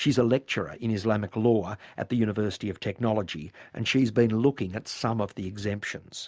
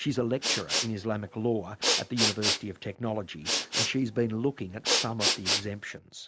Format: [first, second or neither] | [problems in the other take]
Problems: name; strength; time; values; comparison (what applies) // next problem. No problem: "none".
first | background sound (Respiratory sounds); 1 dB above the speech